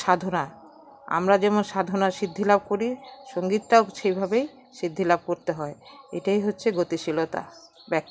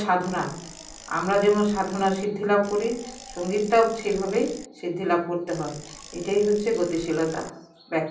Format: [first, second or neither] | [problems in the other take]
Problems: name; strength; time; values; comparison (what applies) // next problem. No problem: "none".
first | background sound (Bicycle); 18 dB below the speech // room echo; dies away in 0.6 s